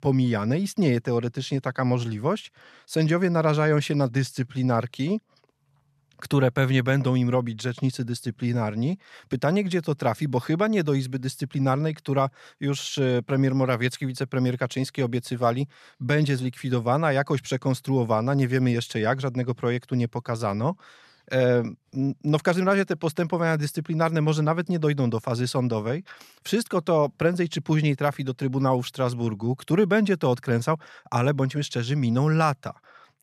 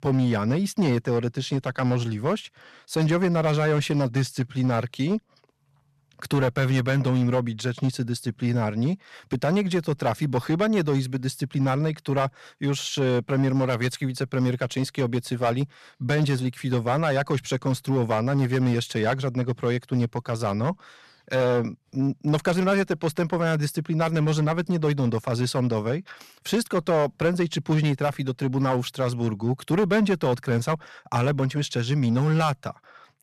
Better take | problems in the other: first | distortion; slight; 6% of the sound clipped

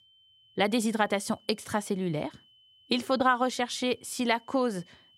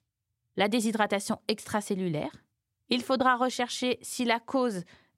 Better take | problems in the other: second | high-pitched whine; faint; throughout; 3 kHz, 30 dB below the speech

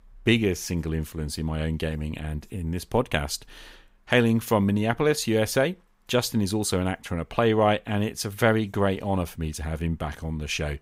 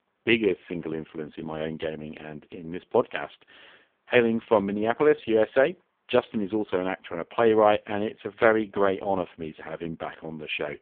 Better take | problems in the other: first | phone-call audio; poor line

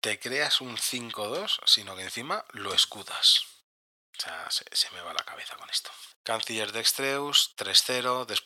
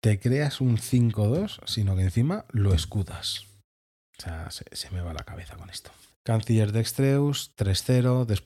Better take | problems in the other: second | thin; very; fading below 750 Hz

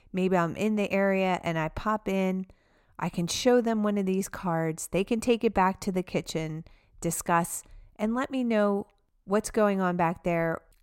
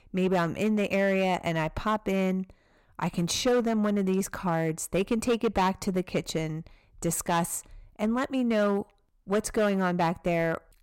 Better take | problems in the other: first | distortion; slight; 6% of the sound clipped

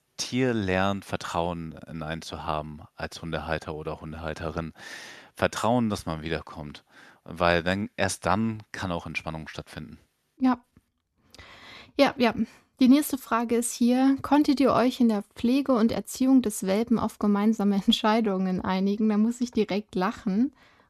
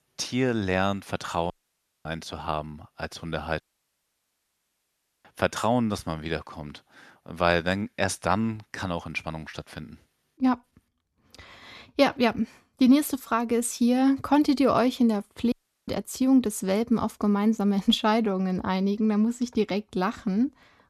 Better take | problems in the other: first | audio cutting out; at 1.5 s for 0.5 s, at 3.5 s for 1.5 s and at 16 s

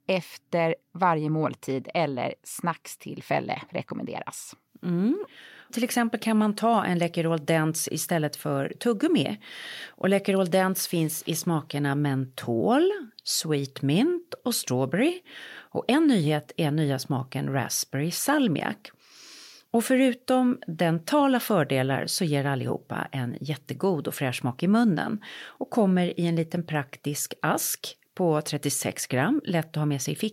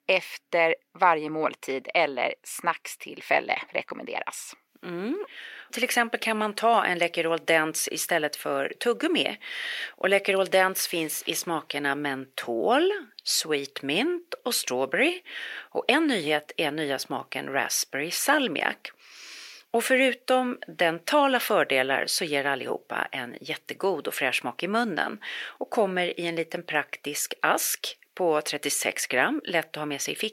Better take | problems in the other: first | thin; somewhat; fading below 450 Hz

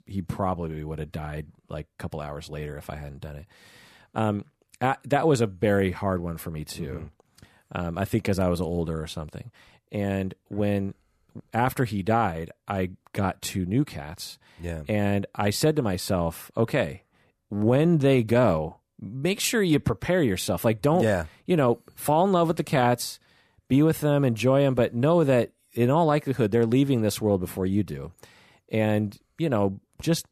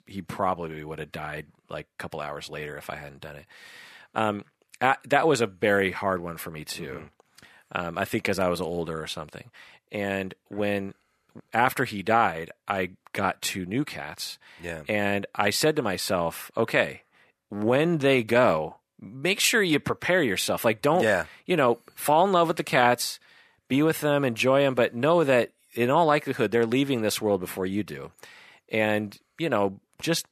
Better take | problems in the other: first | thin; very slightly; fading below 700 Hz

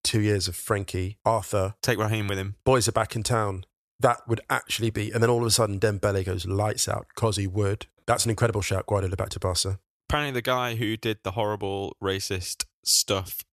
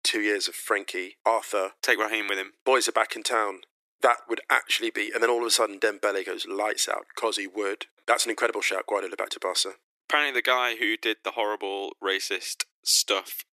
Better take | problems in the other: first | thin; very; fading below 300 Hz

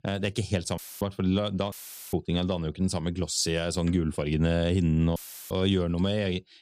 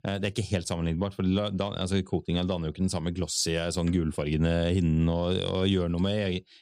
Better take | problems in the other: second | audio cutting out; filled with static; at 1 s, at 1.5 s and at 5 s

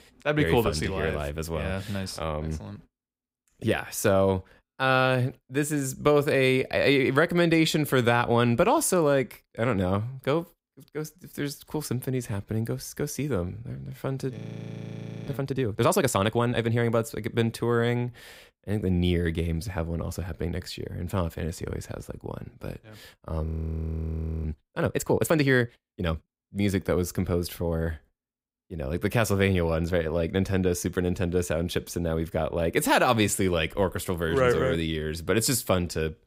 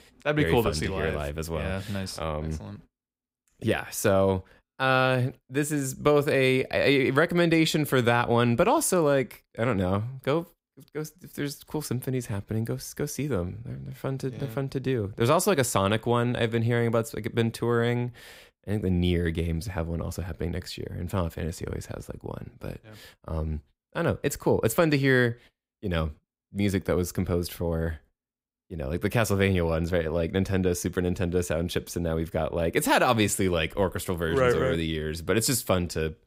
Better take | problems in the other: second | audio freezing; at 14 s for 1 s and at 23 s for 1 s

